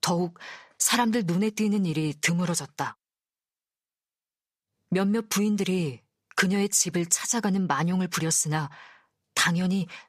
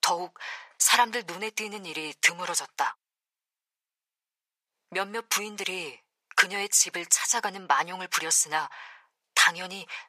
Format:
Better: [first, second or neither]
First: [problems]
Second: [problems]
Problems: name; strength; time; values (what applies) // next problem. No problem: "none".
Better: first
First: none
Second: thin; very; fading below 750 Hz